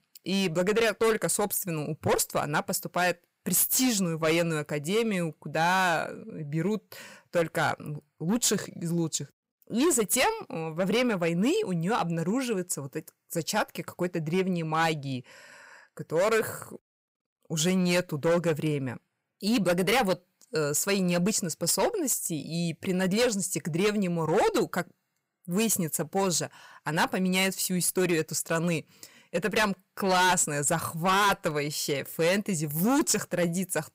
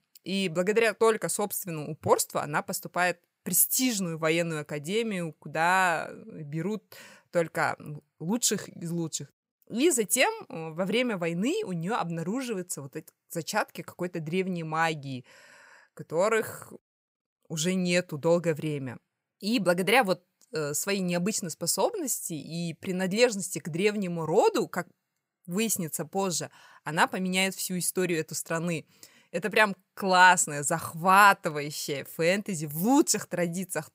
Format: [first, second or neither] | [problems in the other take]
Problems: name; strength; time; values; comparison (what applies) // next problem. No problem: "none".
second | distortion; heavy; 7% of the sound clipped